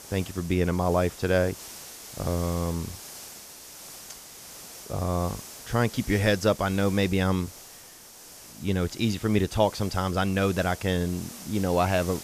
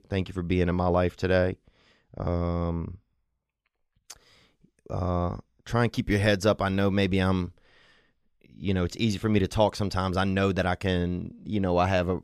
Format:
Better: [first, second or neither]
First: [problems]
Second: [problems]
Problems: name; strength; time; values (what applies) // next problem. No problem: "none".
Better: second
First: hiss; noticeable; throughout; 15 dB below the speech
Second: none